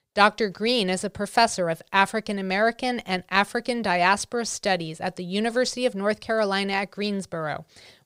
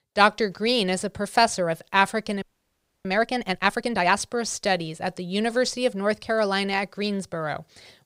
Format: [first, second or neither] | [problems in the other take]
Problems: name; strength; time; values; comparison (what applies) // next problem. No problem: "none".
first | audio freezing; at 2.5 s for 0.5 s